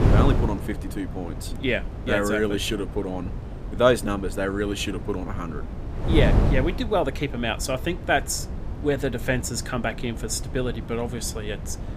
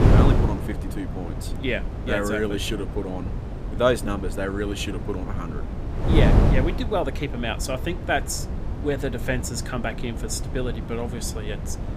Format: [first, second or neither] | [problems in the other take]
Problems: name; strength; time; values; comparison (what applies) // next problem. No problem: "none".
first | wind noise on the microphone; heavy; 7 dB below the speech; occasional gusts in the first